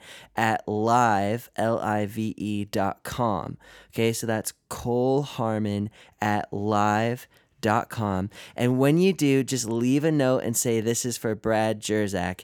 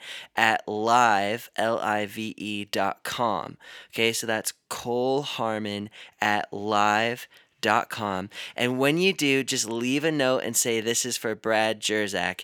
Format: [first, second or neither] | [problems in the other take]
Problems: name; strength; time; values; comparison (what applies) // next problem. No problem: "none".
first | thin; very slightly; fading below 700 Hz